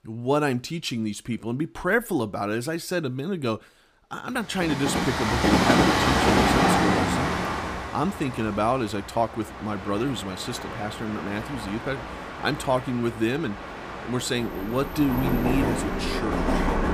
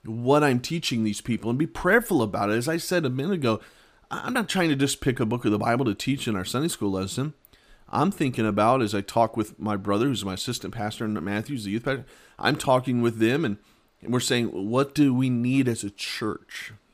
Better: second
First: train or aircraft noise; very loud; from 5 s on; 2 dB above the speech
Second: none

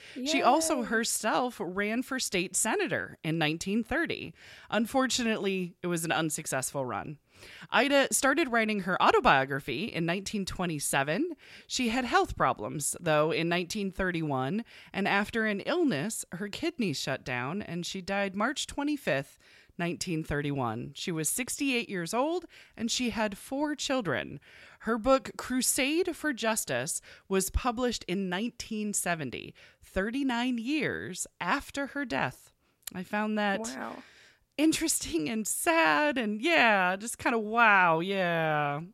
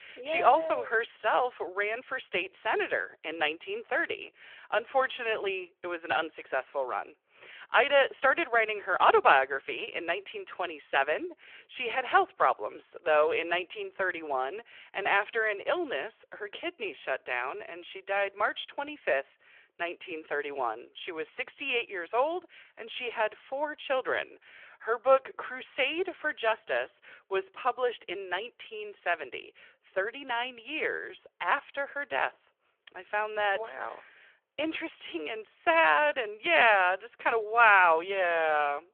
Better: first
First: none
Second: phone-call audio

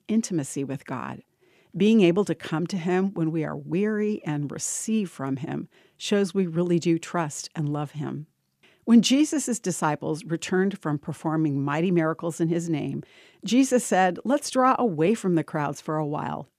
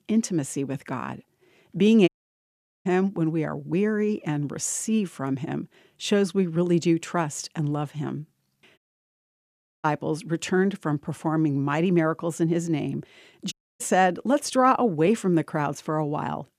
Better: first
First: none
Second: audio cutting out; at 2 s for 1 s, at 9 s for 1 s and at 14 s

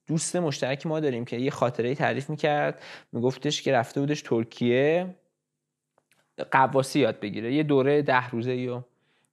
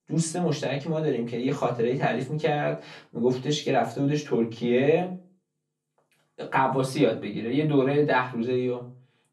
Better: first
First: none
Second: off-mic speech; far // room echo; very slight; dies away in 0.2 s

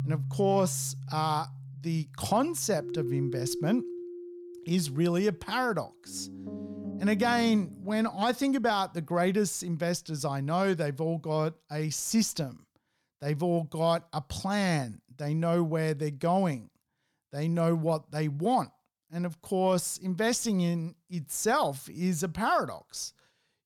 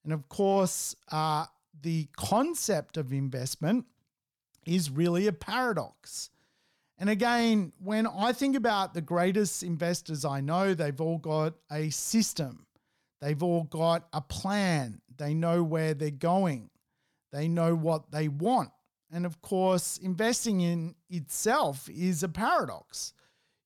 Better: second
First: background music; loud; until 8 s; 10 dB below the speech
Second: none

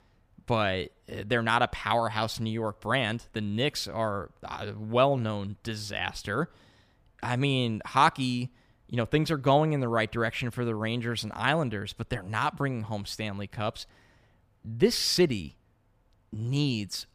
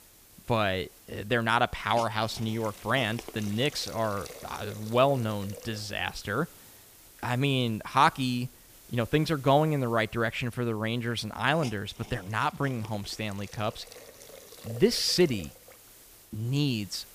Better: first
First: none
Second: hiss; noticeable; throughout; 20 dB below the speech

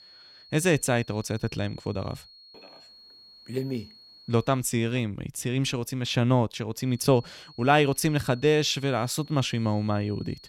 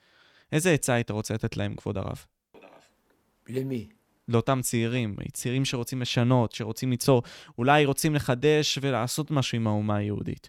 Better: second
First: high-pitched whine; faint; until 4.5 s and from 7 s on; 4.5 kHz, 25 dB below the speech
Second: none

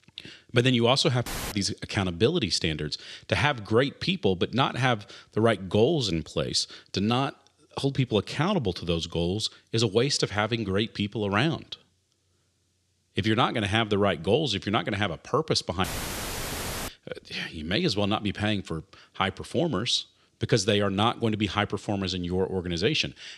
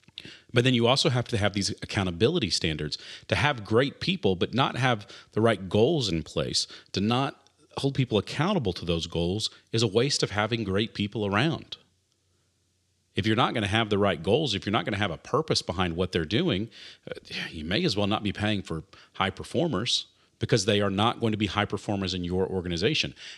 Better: second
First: audio cutting out; filled with static; at 1.5 s and at 16 s for 1 s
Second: none

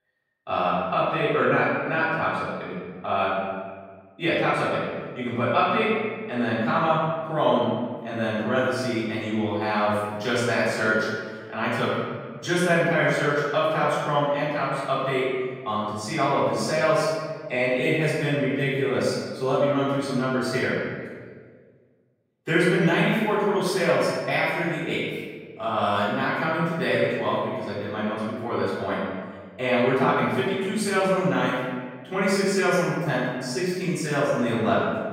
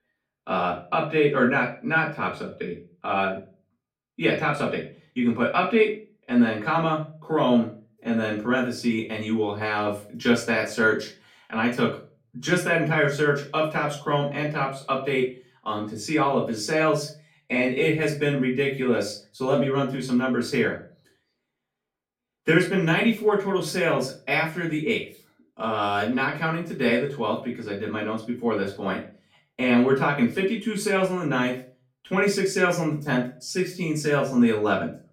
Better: second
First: room echo; strong; dies away in 1.5 s // off-mic speech; far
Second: room echo; slight; dies away in 0.3 s // off-mic speech; far

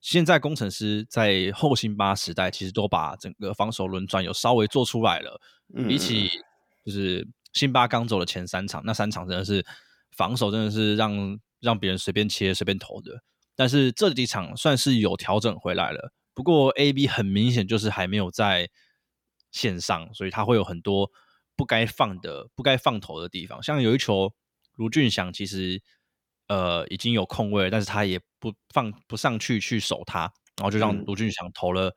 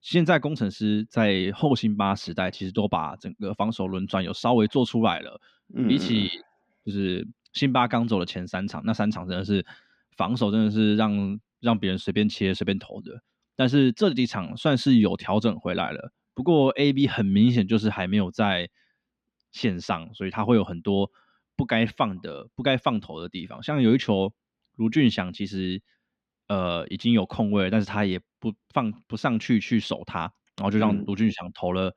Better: first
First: none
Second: muffled; very slightly; fading above 3.5 kHz

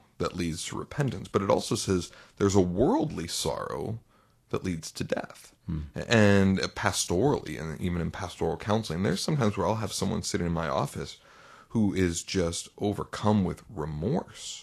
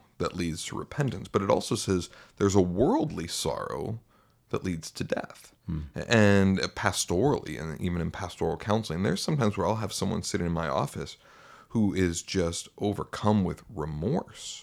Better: second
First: garbled, watery; slightly; nothing above 12.5 kHz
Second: none

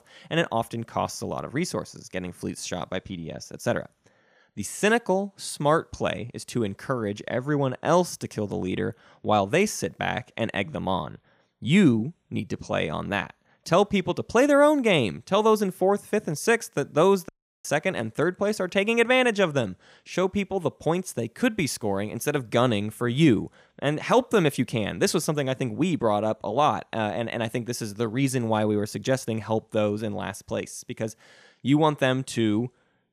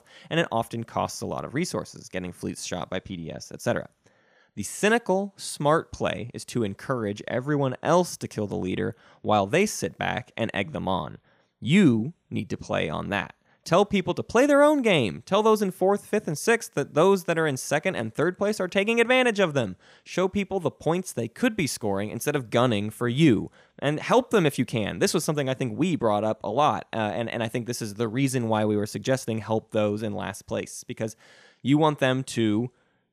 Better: second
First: audio cutting out; at 17 s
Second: none

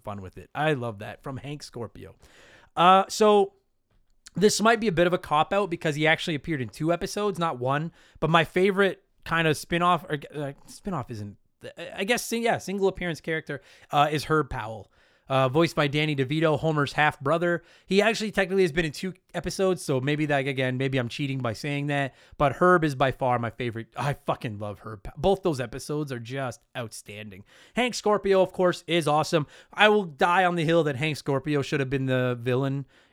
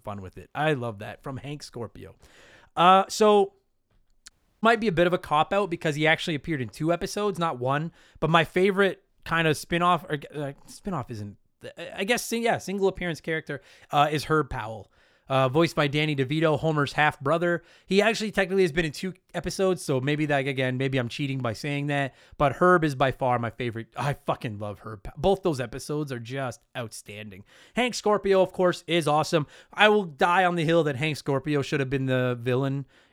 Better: first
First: none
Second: audio cutting out; at 4.5 s

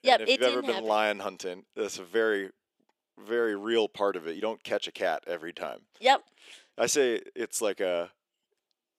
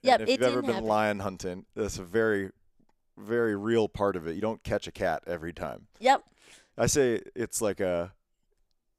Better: second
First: thin; very slightly; fading below 350 Hz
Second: none

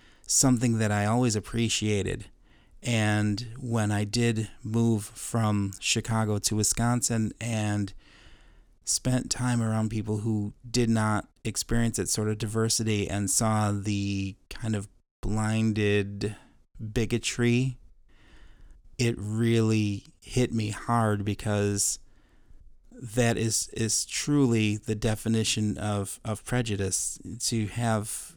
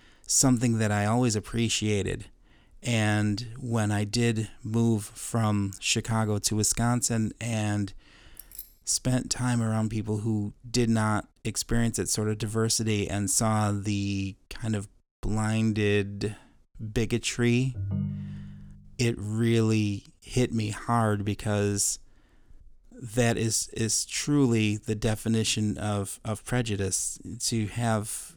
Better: first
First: none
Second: jangling keys; faint; at 8.5 s; peak 15 dB below the speech // phone ringing; noticeable; at 18 s; peak 4 dB below the speech

